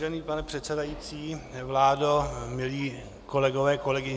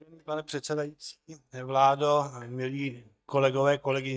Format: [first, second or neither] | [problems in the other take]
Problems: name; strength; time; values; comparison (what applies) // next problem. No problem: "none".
first | noise reduction (neural mask model DeepFilterNet 3)